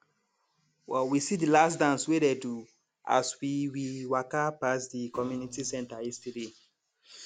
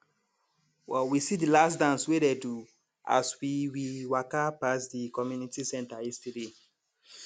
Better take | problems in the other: second | background sound (Thump, thud); 19 dB below the speech

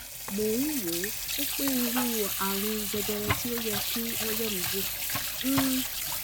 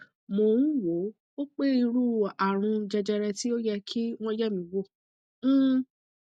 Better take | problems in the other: second | background sound (Sink (filling or washing) / Water tap, faucet); 1 dB above the speech

